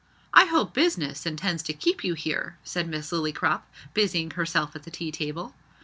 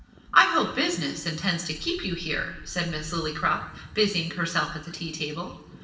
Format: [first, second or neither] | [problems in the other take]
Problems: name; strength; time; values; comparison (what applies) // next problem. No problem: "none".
first | background sound (Wind); 18 dB below the speech // room echo; dies away in 1.1 s